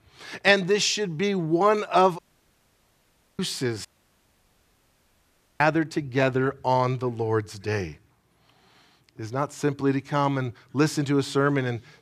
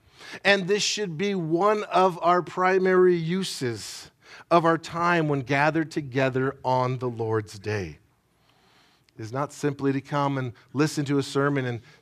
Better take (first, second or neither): second